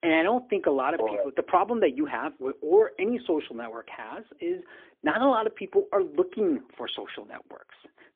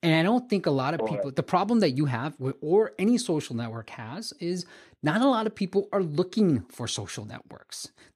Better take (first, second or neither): second